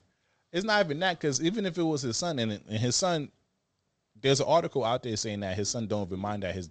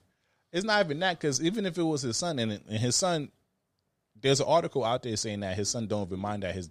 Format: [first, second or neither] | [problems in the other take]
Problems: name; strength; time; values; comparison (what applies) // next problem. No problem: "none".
second | garbled, watery; slightly; nothing above 7.5 kHz